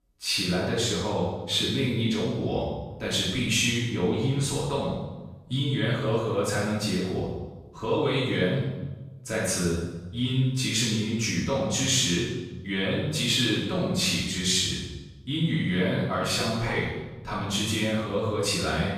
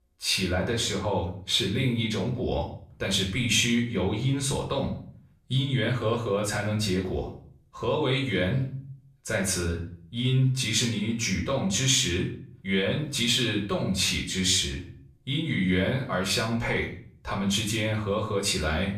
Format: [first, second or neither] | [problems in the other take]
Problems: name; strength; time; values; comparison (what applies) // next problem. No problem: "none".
second | room echo; strong; dies away in 1 s; slight in the second // off-mic speech; far; far in the second